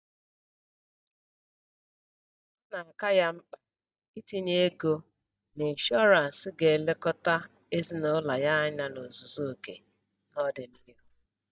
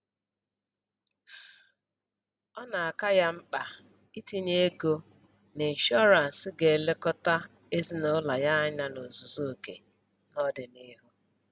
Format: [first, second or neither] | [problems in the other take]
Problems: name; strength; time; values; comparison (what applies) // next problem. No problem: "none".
second | noise reduction (neural mask model DeepFilterNet 3)